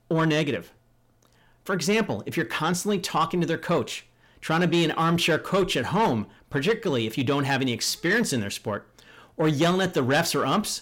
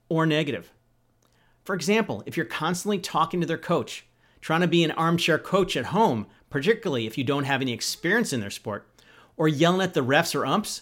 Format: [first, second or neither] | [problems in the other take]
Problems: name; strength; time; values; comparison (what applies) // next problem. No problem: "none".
second | distortion; slight; 10 dB below the speech